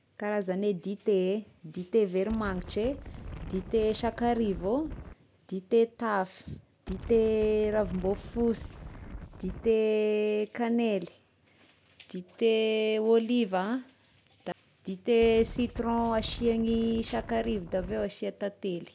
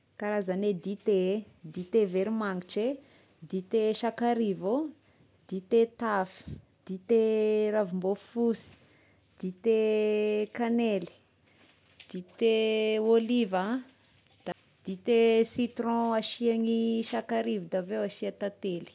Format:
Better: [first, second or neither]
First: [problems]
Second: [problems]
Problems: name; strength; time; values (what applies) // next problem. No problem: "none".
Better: second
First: background sound (Wind); 12 dB below the speech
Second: none